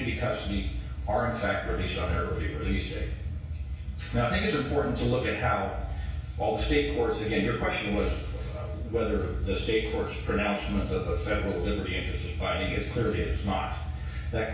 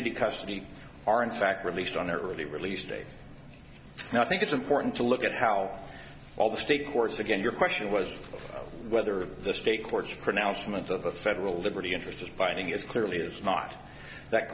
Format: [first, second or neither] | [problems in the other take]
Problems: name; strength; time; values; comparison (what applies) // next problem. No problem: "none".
second | room echo; dies away in 0.6 s